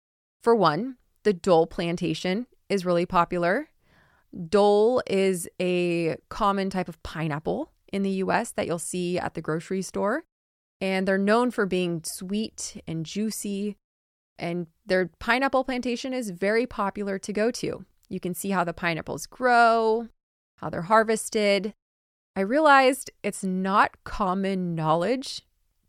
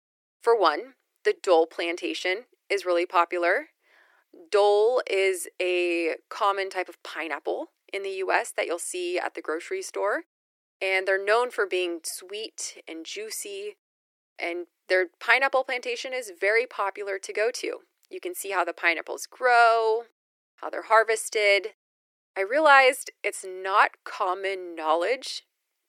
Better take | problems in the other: first | thin; very; fading below 350 Hz

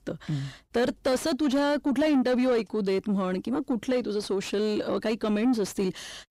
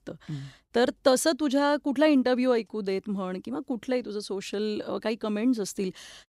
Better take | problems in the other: second | distortion; heavy; 8 dB below the speech

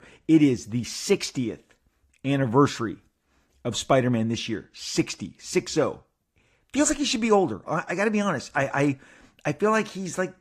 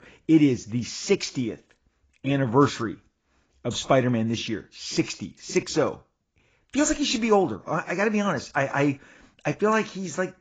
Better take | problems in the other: first | garbled, watery; badly; nothing above 7.5 kHz; slightly in the first

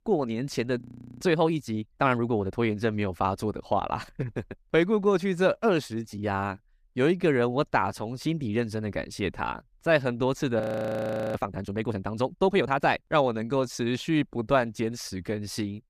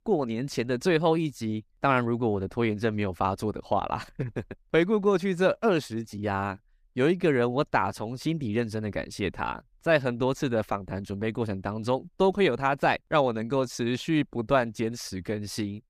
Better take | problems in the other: second | audio freezing; at 1 s and at 11 s for 0.5 s

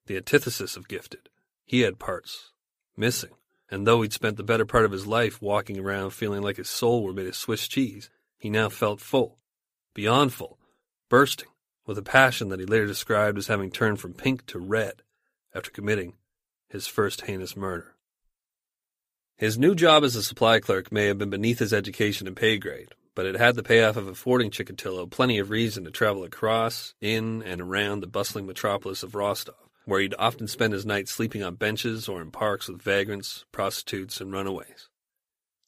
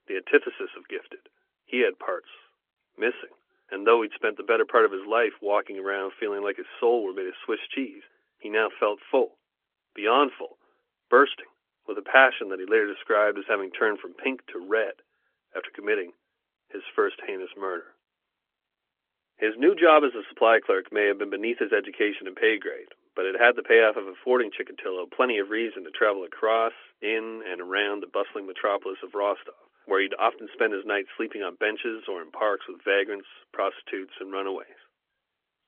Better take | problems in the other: first | phone-call audio; nothing above 3.5 kHz

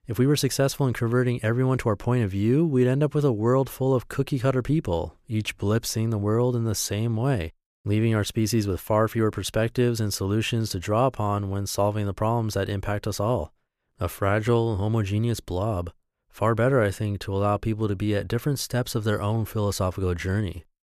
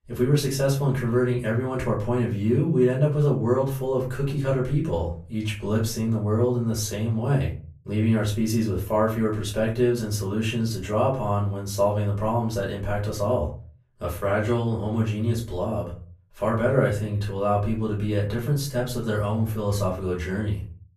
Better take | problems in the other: first | off-mic speech; far // room echo; slight; dies away in 0.4 s

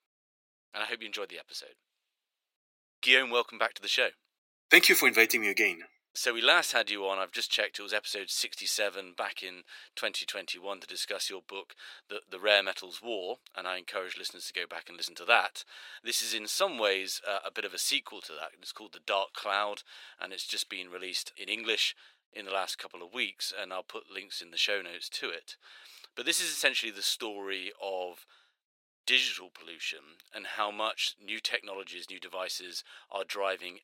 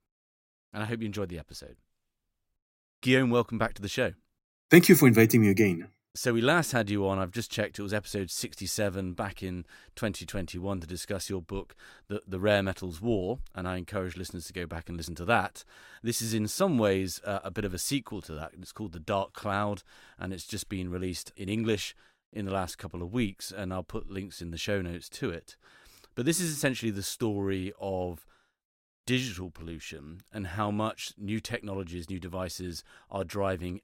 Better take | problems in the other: second | thin; very; fading below 500 Hz

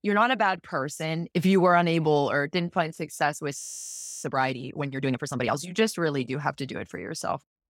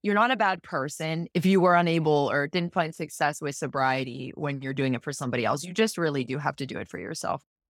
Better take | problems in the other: second | audio freezing; at 3.5 s for 0.5 s

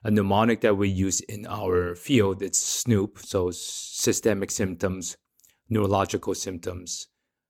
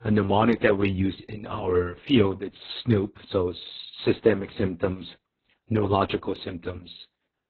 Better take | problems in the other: first | garbled, watery; badly; nothing above 4 kHz

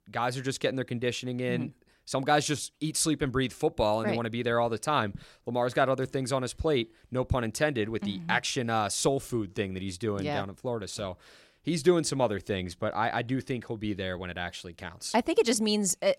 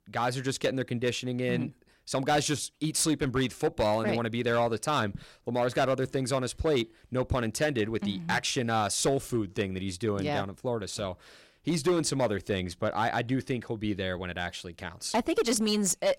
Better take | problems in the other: first | distortion; slight; 5% of the sound clipped

